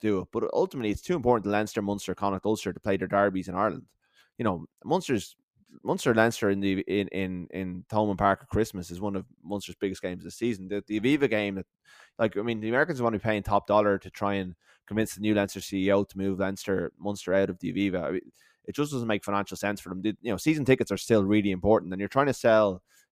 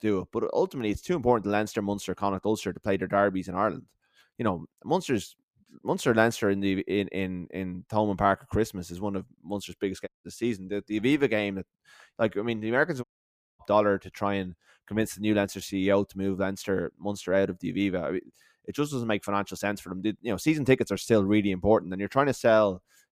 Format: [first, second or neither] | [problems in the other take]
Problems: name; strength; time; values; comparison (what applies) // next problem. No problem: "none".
first | audio cutting out; at 10 s and at 13 s for 0.5 s